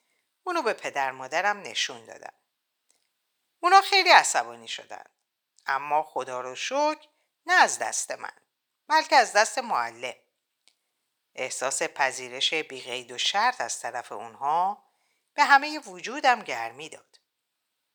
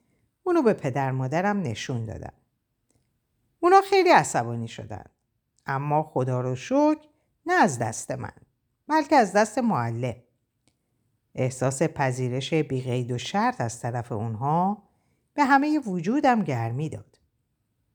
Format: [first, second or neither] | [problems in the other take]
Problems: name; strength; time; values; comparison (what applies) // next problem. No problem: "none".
second | thin; very; fading below 800 Hz